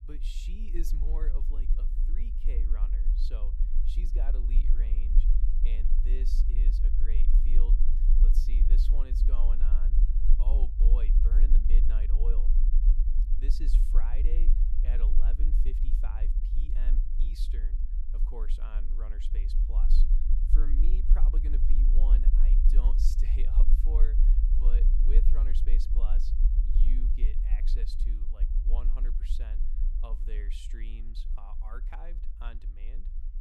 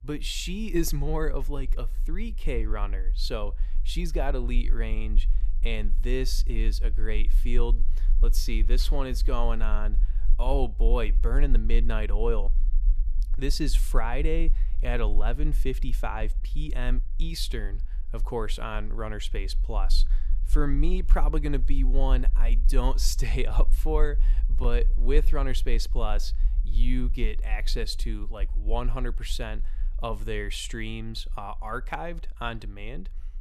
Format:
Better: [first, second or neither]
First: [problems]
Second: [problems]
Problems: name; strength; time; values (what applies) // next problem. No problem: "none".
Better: second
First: low rumble; loud; throughout; 3 dB below the speech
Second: low rumble; faint; throughout; 20 dB below the speech